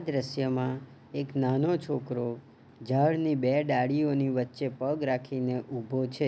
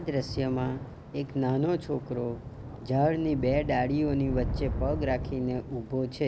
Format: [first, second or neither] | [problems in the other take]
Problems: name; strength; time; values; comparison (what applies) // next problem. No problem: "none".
first | background sound (Thunder / Rain); 8 dB below the speech